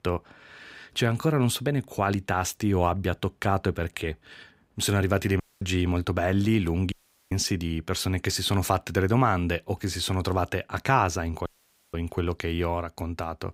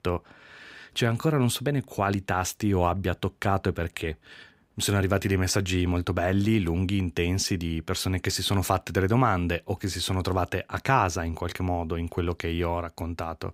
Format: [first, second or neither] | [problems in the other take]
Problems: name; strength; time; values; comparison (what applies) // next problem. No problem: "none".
second | audio cutting out; at 5.5 s, at 7 s and at 11 s